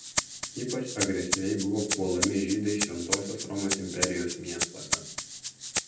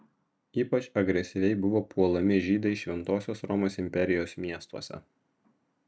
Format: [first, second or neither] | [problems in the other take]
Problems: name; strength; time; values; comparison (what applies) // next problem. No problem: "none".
second | background sound (Rattle (instrument)); 1 dB below the speech // room echo; dies away in 0.6 s